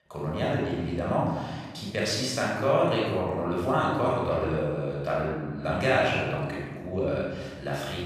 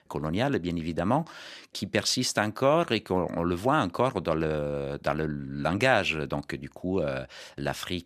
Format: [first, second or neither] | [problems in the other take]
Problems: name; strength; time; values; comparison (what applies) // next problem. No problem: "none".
second | off-mic speech; far // room echo; strong; dies away in 1.2 s